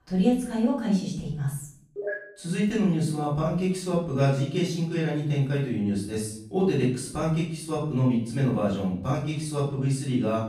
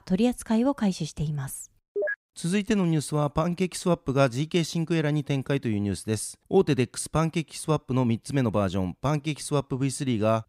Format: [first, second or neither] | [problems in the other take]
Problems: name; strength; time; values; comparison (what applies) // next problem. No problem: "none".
second | off-mic speech; far // room echo; noticeable; dies away in 0.5 s